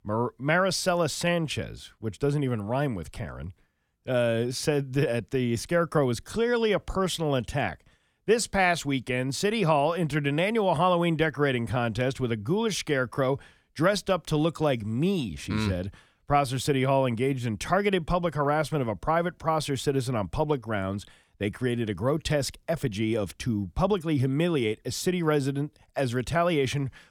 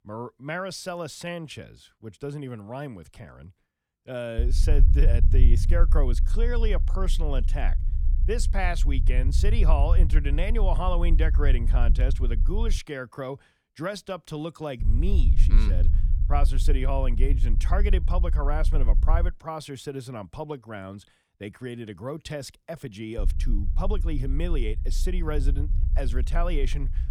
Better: first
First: none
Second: low rumble; noticeable; from 4.5 to 13 s, from 15 to 19 s and from 23 s on; 10 dB below the speech

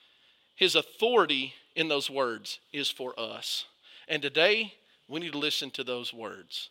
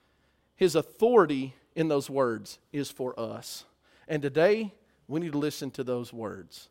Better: second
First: thin; very slightly; fading below 900 Hz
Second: none

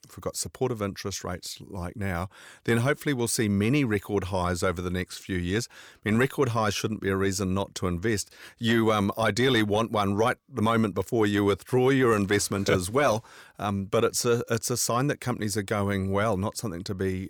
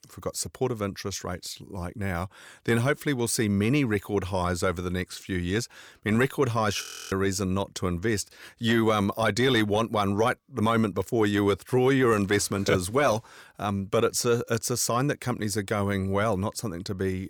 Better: first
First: none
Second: audio freezing; at 7 s

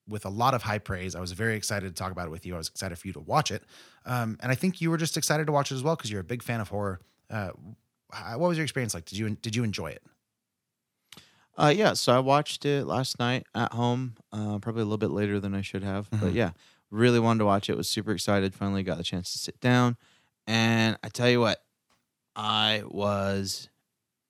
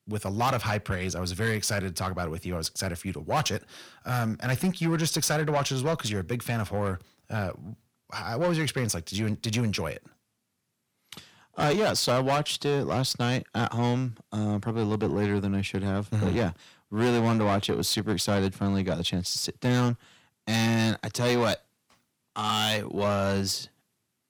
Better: first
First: none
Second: distortion; heavy; 8 dB below the speech

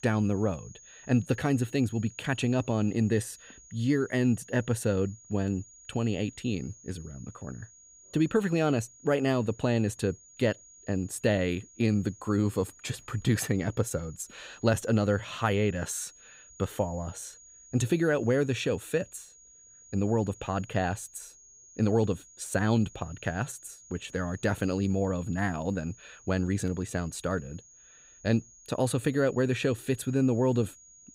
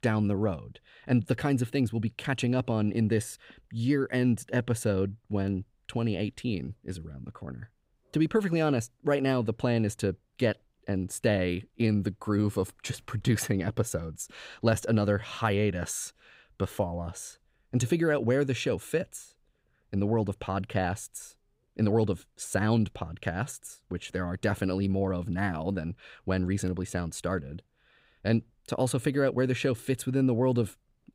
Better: second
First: high-pitched whine; faint; throughout; 6.5 kHz, 20 dB below the speech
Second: none

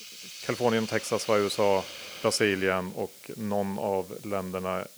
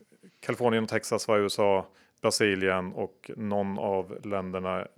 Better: second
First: hiss; noticeable; throughout; 15 dB below the speech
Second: none

